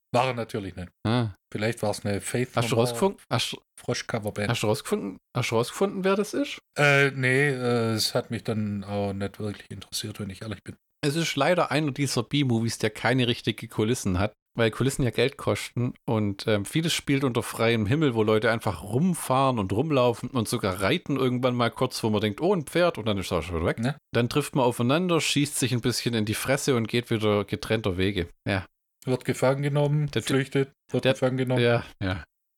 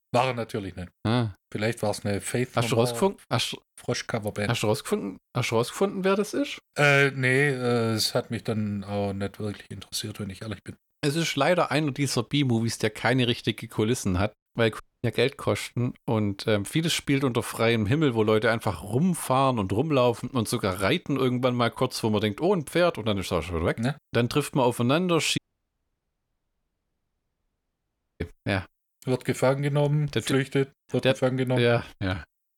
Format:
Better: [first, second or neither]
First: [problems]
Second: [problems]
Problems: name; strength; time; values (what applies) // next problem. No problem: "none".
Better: first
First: none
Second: audio cutting out; at 15 s and at 25 s for 3 s